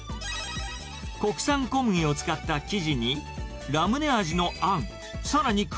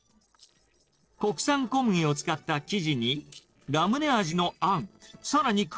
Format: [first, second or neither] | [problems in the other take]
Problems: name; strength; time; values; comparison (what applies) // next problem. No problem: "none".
first | noise reduction (neural separator model SepFormer DNS4)